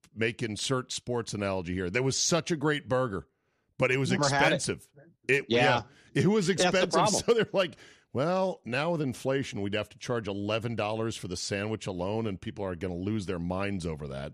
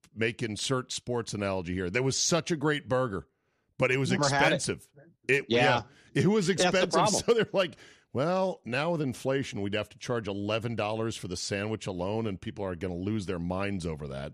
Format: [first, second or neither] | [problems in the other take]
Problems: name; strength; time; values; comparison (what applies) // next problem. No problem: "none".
neither | none